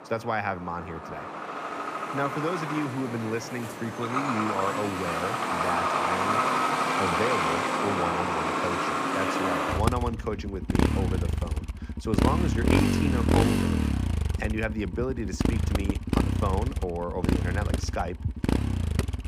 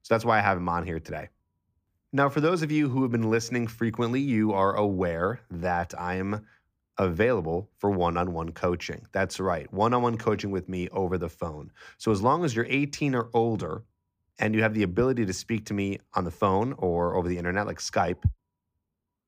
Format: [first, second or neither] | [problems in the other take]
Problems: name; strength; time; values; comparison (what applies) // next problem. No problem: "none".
second | traffic noise; very loud; throughout; 5 dB above the speech